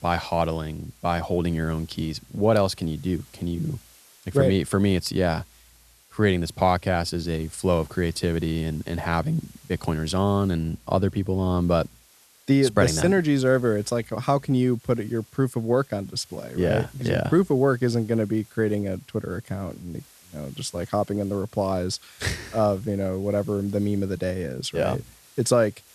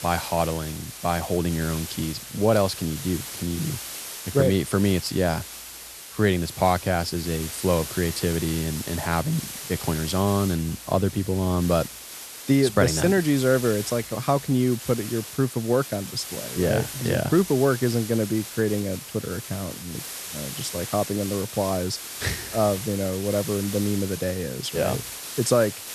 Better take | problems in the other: first | hiss; loud; throughout; 9 dB below the speech; faint in the first

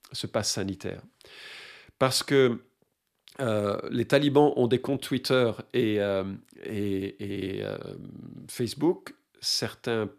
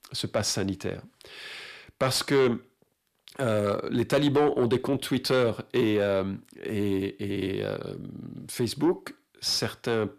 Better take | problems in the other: first | distortion; slight; 10 dB below the speech

